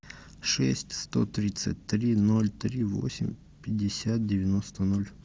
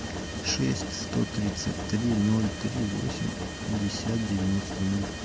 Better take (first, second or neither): first